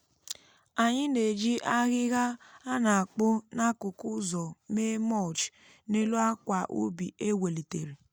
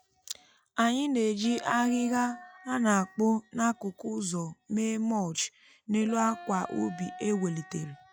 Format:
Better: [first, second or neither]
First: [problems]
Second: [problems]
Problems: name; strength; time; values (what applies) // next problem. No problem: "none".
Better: first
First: none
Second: noise reduction (classical method log-MMSE)